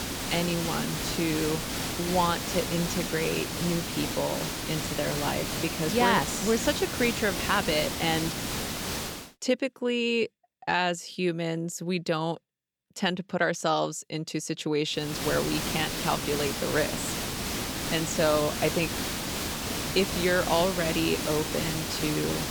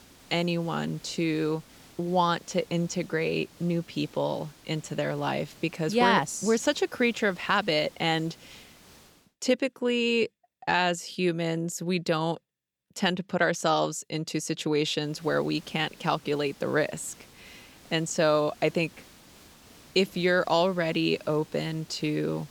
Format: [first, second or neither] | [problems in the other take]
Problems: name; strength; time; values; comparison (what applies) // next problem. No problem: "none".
second | hiss; loud; until 9 s and from 15 s on; 2 dB below the speech; faint in the second